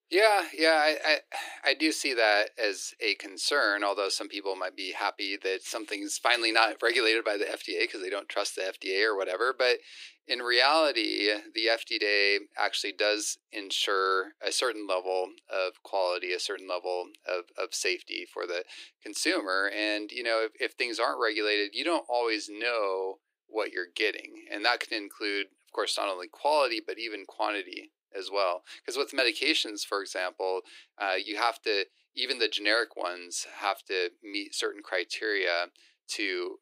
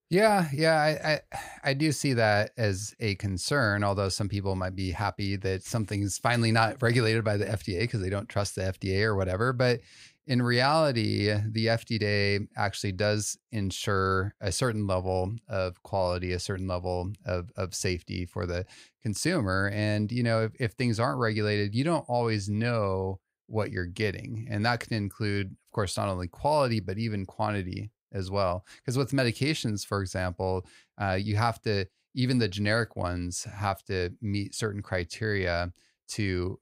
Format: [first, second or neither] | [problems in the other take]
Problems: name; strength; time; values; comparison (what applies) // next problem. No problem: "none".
second | thin; very; fading below 300 Hz